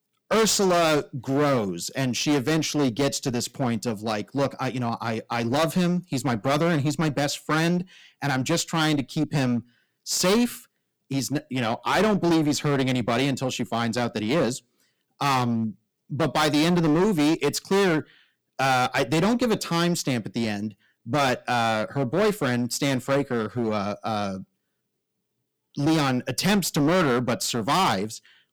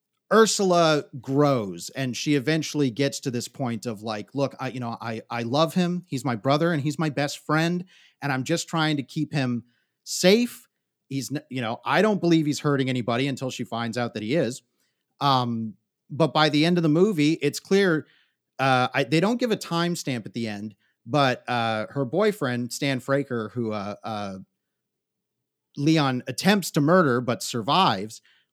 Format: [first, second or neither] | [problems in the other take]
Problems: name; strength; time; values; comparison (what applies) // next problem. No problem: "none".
second | distortion; heavy; 14% of the sound clipped